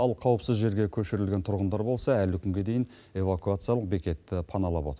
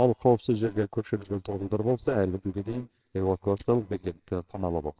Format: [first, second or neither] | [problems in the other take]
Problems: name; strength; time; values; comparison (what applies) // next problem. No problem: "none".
first | noise reduction (neural separator model SepFormer WHAMR!)